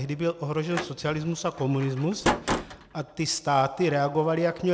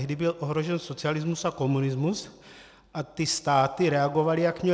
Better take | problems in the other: second | background sound (Slam); 5 dB below the speech

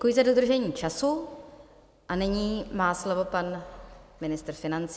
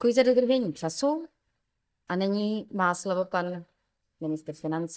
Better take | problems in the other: first | noise reduction (neural mask model DeepFilterNet 3)

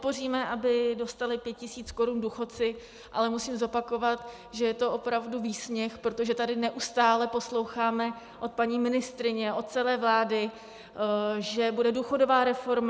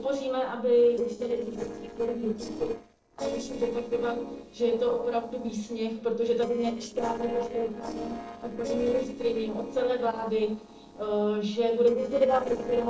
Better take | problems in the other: first | noise reduction (neural separator model SepFormer DNS4)

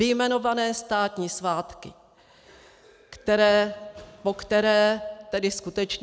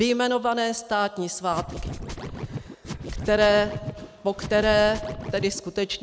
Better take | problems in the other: first | background sound (Scratching (performance technique)); 9 dB below the speech

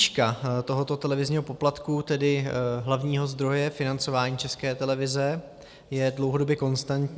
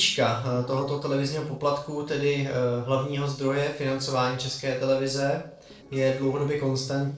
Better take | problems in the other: first | noise reduction (neural separator model SepFormer DNS4)

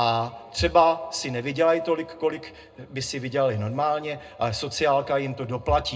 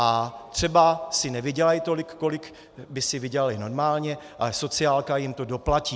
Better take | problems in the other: second | room echo; dies away in 0.2 s

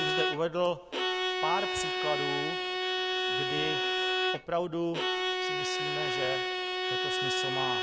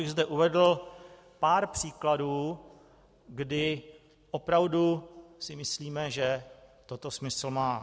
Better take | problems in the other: second | background sound (Bowed string instrument); 5 dB above the speech

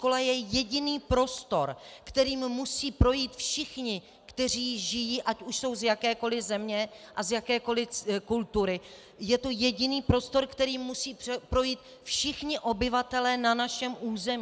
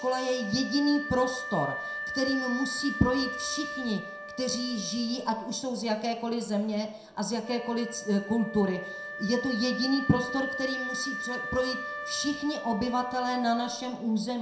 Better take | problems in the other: first | background sound (Wind instrument, woodwind instrument); 9 dB below the speech // room echo; dies away in 0.6 s

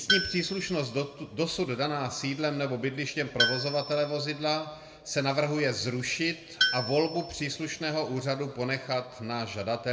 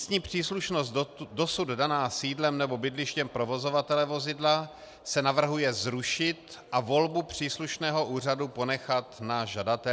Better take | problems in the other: second | background sound (Tools); 6 dB below the speech // room echo; dies away in 1.1 s

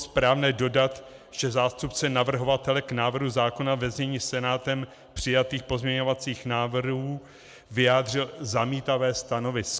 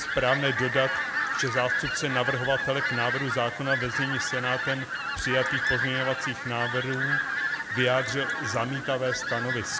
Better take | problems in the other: first | background sound (Fowl); 1 dB below the speech

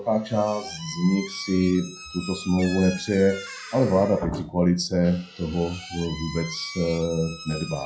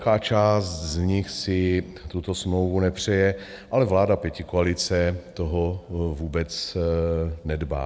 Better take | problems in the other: second | noise reduction (classical method WPE with log-MMSE)

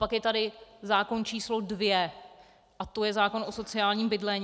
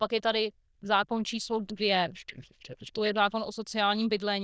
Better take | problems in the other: first | noise reduction (neural diffusion model UNIVERSE++)

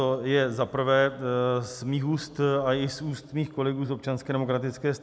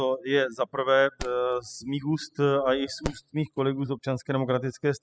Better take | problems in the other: first | noise reduction (classical method spectral subtraction)

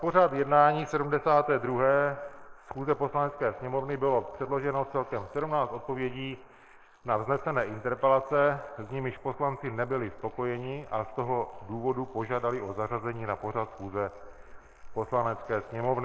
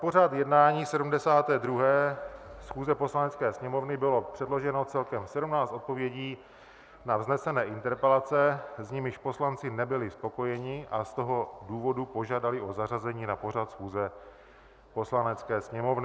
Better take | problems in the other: second | noise reduction (neural mask model Resemble Enhance denoiser)

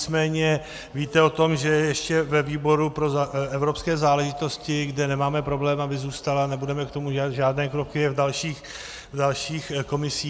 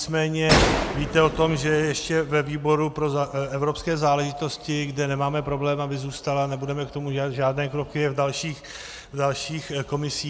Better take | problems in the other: first | background sound (Gunshot, gunfire); 2 dB below the speech

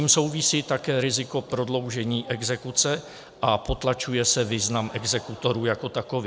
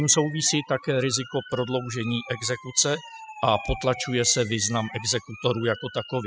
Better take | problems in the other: first | noise reduction (classical method spectral subtraction)

